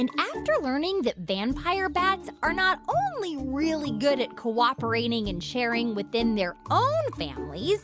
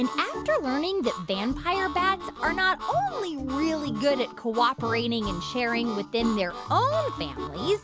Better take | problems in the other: first | background sound (Harmonica); 12 dB below the speech

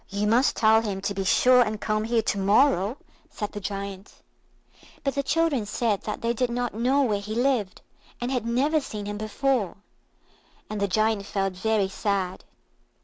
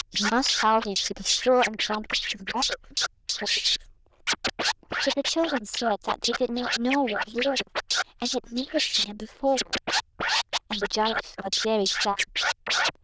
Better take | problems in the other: first | noise reduction (neural diffusion model UNIVERSE++)

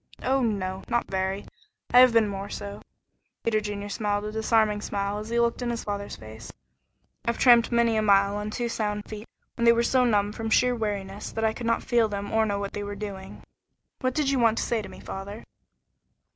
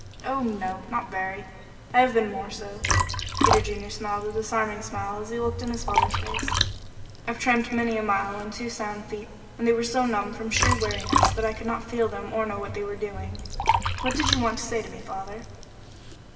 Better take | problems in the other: first | background sound (Liquid); 1 dB below the speech // room echo; dies away in 2.2 s

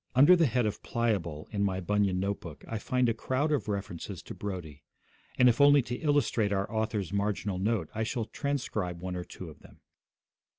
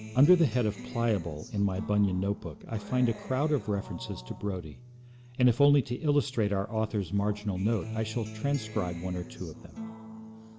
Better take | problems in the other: first | background sound (Acoustic guitar); 14 dB below the speech // room echo; dies away in 0.7 s

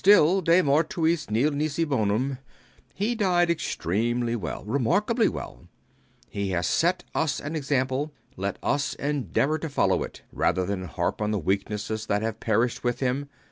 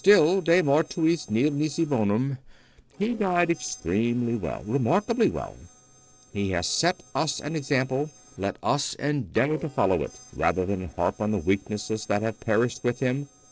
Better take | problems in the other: first | noise reduction (neural separator model SepFormer DNS4)

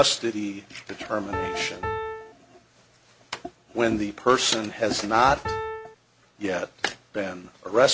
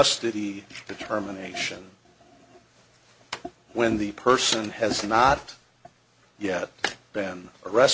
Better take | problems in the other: second | background sound (Piano); 4 dB below the speech

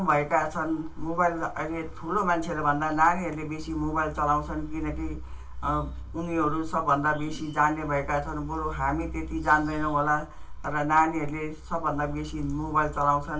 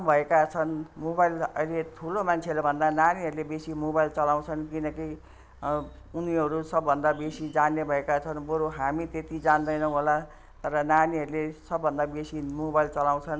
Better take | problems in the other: second | room echo; dies away in 0.2 s

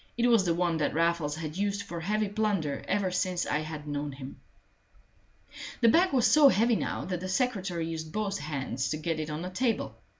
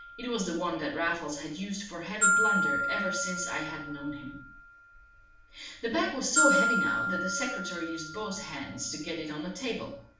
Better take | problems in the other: first | background sound (Glockenspiel); 1 dB above the speech // room echo; dies away in 0.5 s

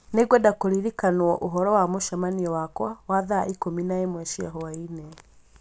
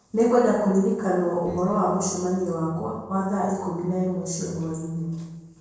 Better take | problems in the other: first | noise reduction (neural separator model SepFormer DNS4)

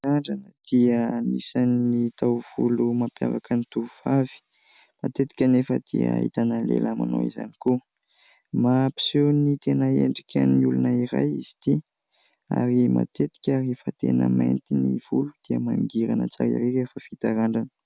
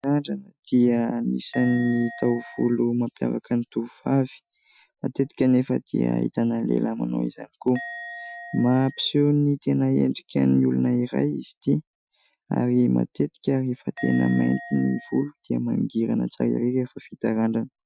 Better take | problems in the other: first | noise reduction (classical method Wiener filter)

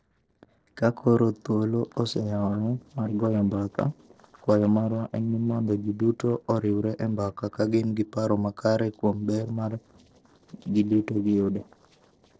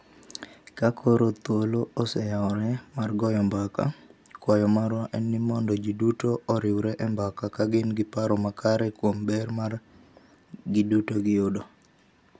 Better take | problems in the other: second | noise reduction (neural separator model SepFormer DNS4)

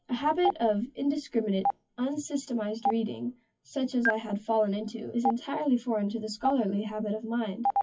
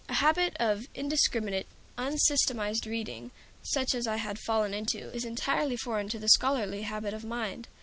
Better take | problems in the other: second | noise reduction (classical method WPE with log-MMSE)

